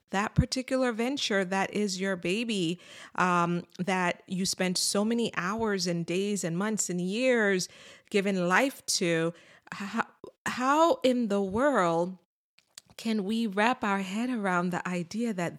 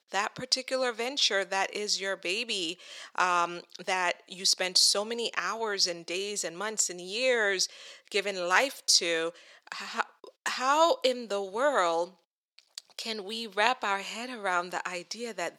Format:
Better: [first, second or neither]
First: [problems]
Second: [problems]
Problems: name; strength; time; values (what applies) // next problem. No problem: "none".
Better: first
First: none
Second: thin; somewhat; fading below 550 Hz